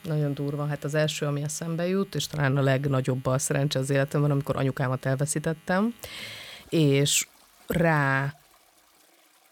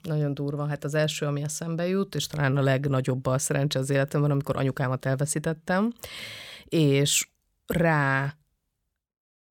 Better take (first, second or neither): second